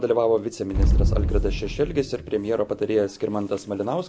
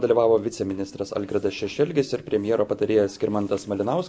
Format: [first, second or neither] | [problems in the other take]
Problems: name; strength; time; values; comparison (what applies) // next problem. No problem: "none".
second | background sound (Explosion); 1 dB below the speech